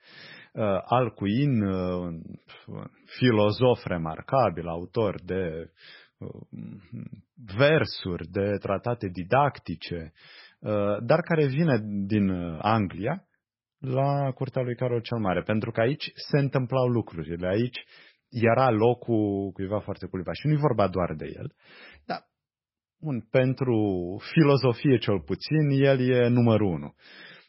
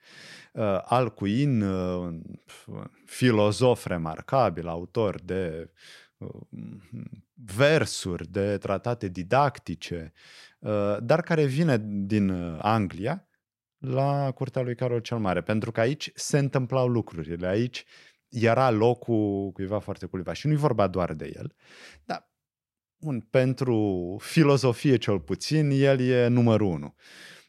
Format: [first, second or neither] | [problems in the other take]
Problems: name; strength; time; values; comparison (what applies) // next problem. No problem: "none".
second | garbled, watery; badly; nothing above 5.5 kHz